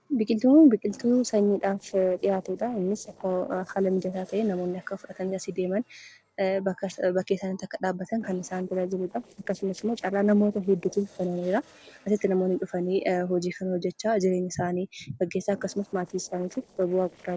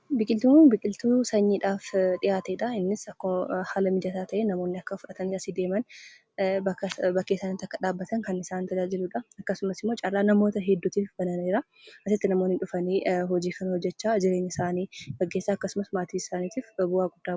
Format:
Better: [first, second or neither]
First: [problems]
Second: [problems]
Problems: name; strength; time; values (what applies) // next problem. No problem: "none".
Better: second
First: noise reduction (neural separator model SepFormer DNS4)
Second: none